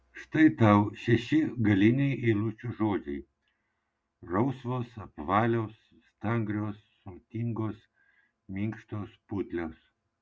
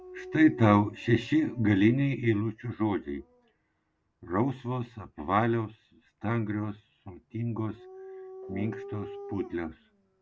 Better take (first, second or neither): first